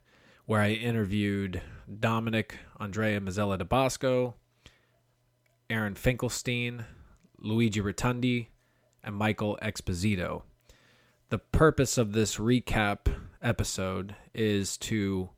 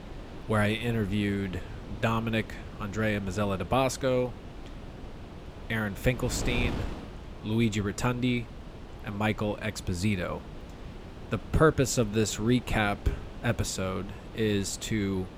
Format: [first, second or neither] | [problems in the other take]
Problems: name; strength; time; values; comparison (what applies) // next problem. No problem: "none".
first | wind noise on the microphone; occasional gusts; 15 dB below the speech